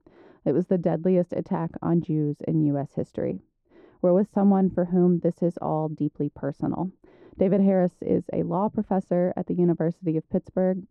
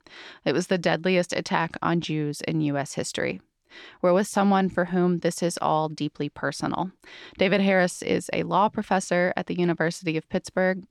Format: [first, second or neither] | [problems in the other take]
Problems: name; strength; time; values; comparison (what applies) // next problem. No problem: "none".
second | muffled; very; fading above 1 kHz